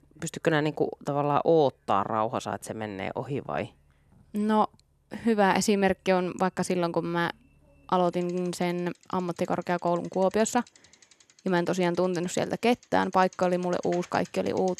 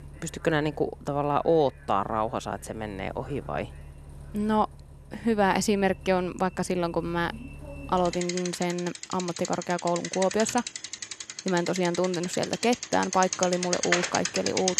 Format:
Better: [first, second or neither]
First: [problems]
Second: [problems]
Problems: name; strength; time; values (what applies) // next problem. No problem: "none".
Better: first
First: traffic noise; faint; throughout; 25 dB below the speech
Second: traffic noise; loud; throughout; 6 dB below the speech